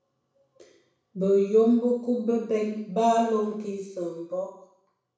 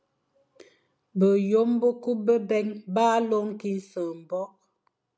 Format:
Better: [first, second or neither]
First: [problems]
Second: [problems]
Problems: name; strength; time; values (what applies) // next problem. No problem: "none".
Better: second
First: room echo; dies away in 0.7 s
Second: none